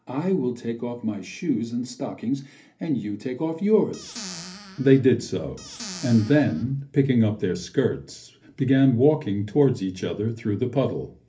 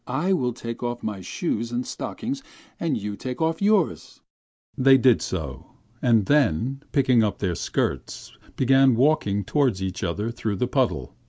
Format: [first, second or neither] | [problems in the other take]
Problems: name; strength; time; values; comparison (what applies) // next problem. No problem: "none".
second | background sound (Squeak / Cupboard open or close); 15 dB below the speech // room echo; dies away in 0.3 s